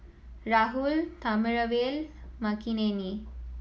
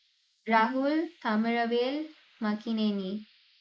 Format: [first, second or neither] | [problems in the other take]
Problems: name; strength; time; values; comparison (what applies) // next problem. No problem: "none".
first | noise reduction (neural mask model Resemble Enhance denoiser)